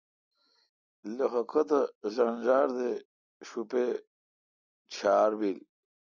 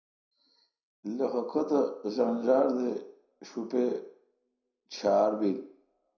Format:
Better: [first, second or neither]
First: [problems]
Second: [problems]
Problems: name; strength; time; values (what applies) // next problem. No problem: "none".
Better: first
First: none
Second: room echo; dies away in 0.5 s